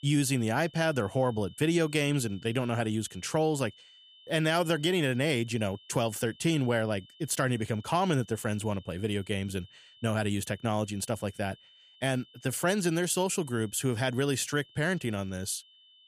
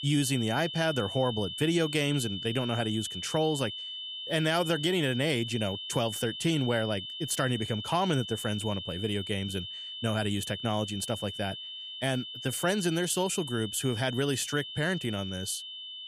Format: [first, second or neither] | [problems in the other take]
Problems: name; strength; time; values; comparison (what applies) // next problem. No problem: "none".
first | high-pitched whine; loud; throughout; 3 kHz, 7 dB below the speech; faint in the first